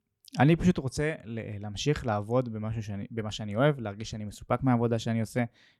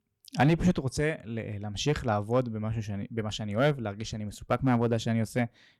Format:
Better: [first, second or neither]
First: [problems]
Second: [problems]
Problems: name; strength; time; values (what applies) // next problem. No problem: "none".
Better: first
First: none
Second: distortion; slight; 2% of the sound clipped